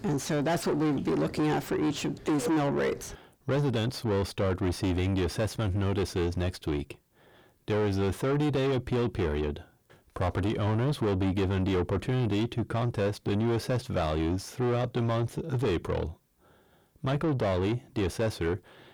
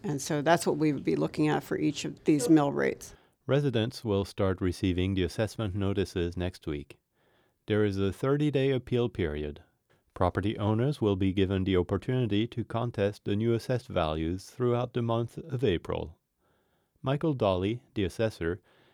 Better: second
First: distortion; heavy; 7 dB below the speech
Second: none

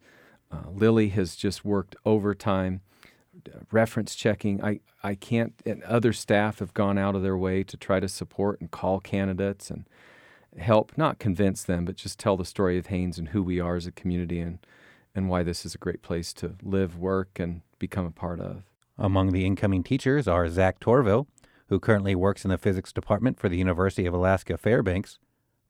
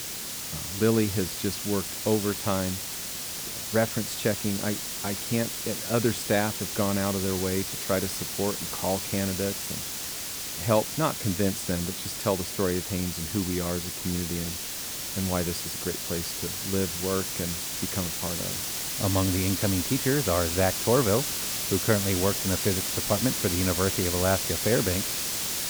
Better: first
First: none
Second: hiss; loud; throughout; 1 dB below the speech

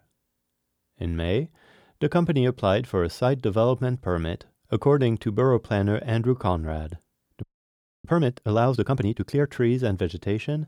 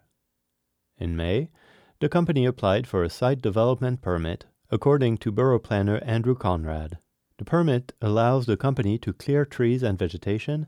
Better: second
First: audio freezing; at 7.5 s for 0.5 s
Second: none

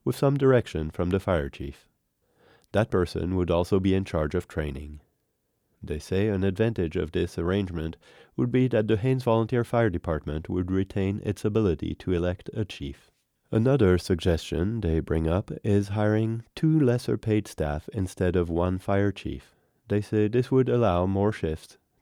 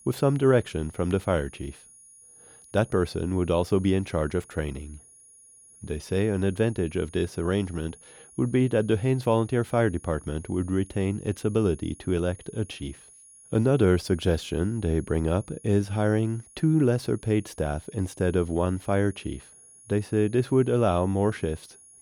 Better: first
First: none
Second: high-pitched whine; faint; throughout; 10.5 kHz, 25 dB below the speech

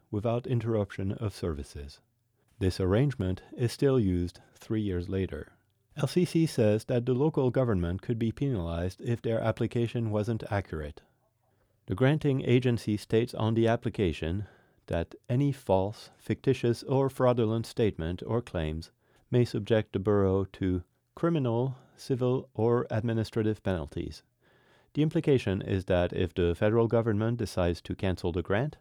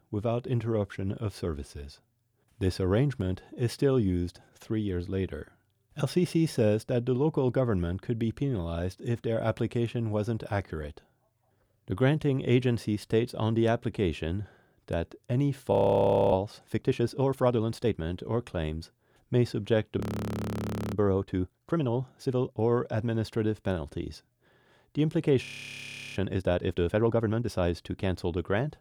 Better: first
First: none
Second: audio freezing; at 16 s for 0.5 s, at 20 s for 1 s and at 25 s for 0.5 s

